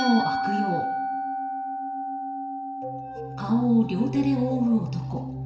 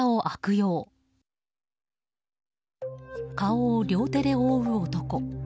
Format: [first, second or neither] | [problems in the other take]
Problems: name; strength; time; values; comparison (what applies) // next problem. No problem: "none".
second | background sound (Musical instrument); 5 dB below the speech // room echo; dies away in 0.9 s